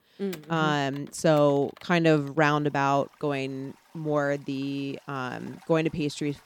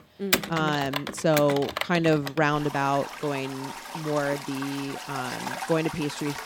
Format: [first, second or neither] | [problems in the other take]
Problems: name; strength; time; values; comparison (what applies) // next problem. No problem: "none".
first | household noises; loud; throughout; 6 dB below the speech; faint in the first